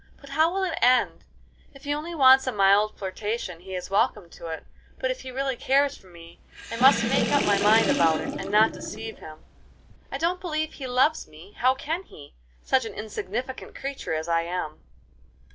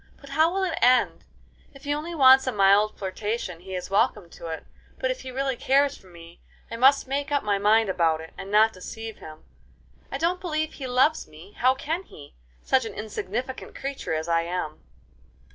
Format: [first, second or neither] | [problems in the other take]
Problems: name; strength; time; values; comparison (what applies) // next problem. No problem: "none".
second | background sound (Sink (filling or washing) / Water); 2 dB below the speech